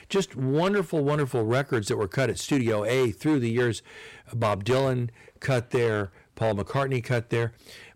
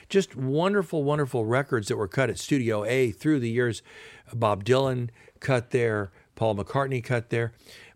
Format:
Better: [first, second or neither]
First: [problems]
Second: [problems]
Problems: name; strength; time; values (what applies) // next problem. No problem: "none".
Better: second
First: distortion; slight; 8% of the sound clipped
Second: none